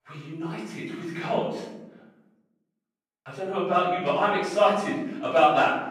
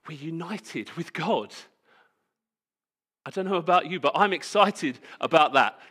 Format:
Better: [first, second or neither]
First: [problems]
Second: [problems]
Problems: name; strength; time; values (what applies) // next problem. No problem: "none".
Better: second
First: off-mic speech; far // room echo; noticeable; dies away in 0.9 s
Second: none